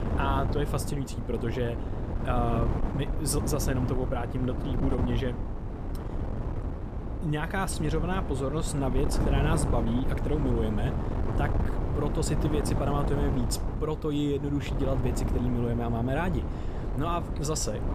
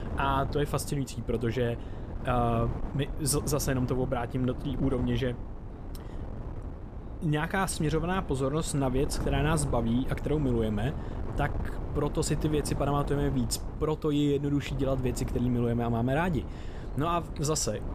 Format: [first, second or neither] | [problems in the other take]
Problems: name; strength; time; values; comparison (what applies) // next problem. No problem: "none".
second | wind noise on the microphone; heavy; 5 dB below the speech; occasional gusts in the second